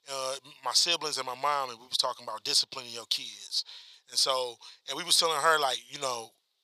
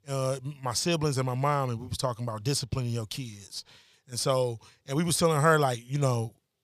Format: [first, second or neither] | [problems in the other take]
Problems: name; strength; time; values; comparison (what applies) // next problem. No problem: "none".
second | thin; very; fading below 650 Hz